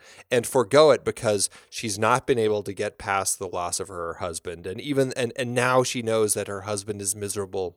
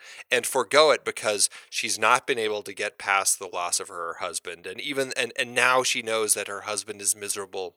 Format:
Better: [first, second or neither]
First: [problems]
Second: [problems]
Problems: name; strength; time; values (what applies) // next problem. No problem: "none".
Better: first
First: none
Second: thin; somewhat; fading below 950 Hz